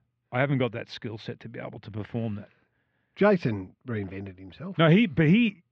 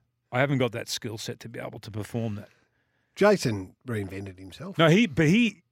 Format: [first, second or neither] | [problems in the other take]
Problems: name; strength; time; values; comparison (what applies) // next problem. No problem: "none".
second | muffled; slightly; fading above 3.5 kHz